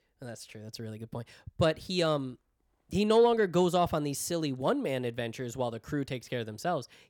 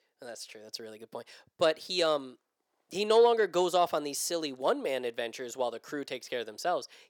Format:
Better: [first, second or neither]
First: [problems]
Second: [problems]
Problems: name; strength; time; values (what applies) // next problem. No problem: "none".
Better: first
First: none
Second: thin; somewhat; fading below 450 Hz